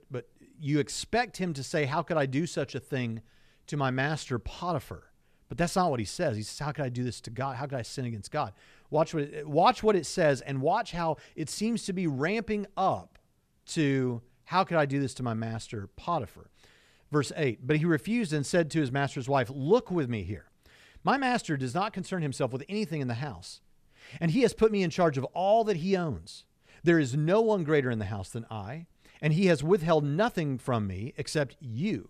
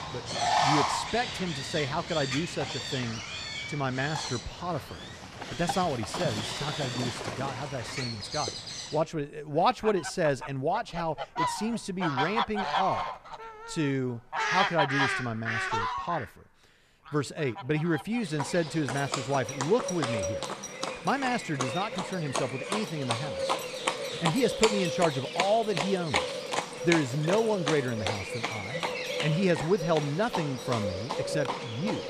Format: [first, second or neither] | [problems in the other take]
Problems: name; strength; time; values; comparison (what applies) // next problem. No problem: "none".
first | animal sounds; loud; throughout; 2 dB below the speech